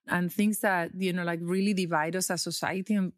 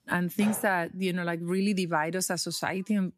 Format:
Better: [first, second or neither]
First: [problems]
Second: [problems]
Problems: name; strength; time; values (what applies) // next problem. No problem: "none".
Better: first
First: none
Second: household noises; very faint; throughout; 15 dB below the speech